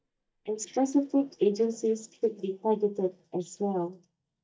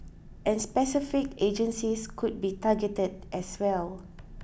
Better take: second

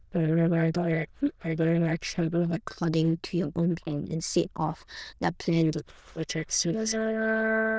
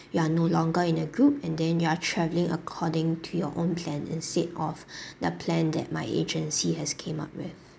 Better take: second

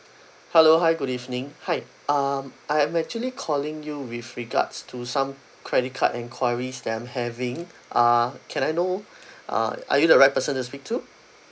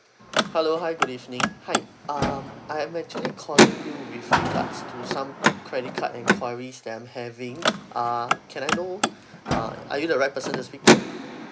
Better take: first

